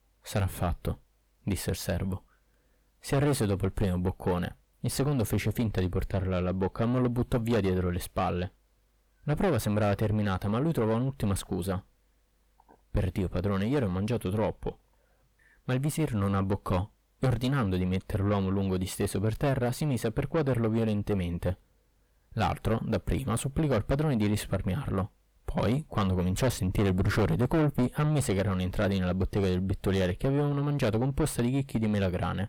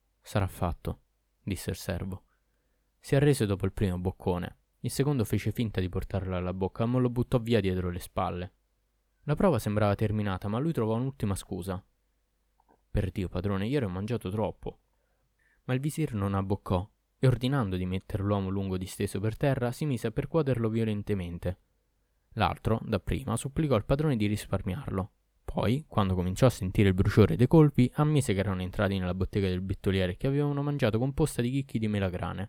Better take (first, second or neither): second